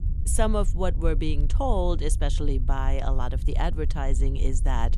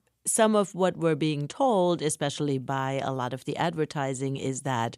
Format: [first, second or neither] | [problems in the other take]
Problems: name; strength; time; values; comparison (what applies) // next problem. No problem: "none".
second | low rumble; noticeable; throughout; 15 dB below the speech